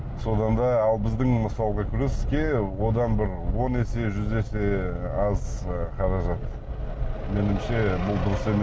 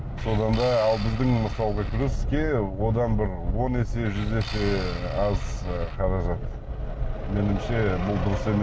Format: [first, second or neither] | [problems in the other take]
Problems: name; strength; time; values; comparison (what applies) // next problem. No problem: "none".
first | background sound (Tools); 18 dB below the speech